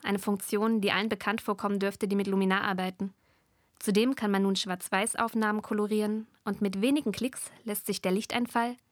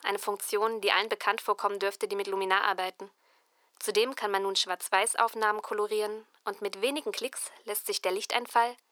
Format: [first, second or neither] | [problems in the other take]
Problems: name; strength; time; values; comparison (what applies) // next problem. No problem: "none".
first | thin; very; fading below 400 Hz